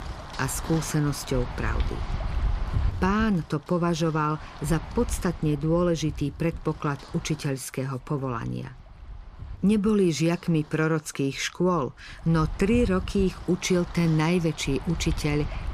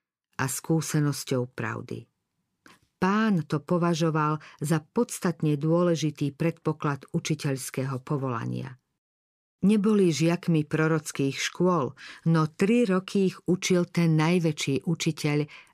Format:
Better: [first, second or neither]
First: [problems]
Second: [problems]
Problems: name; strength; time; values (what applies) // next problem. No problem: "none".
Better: second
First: wind noise on the microphone; occasional gusts; 15 dB below the speech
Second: none